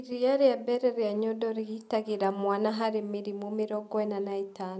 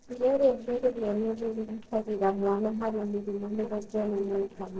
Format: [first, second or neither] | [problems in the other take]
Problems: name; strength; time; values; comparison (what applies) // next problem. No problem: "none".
first | noise reduction (neural separator model SepFormer DNS4)